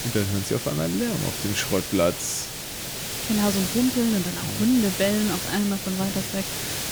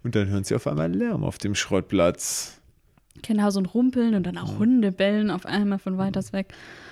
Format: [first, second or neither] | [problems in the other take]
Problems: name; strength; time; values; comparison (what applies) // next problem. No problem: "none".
second | hiss; loud; throughout; 3 dB below the speech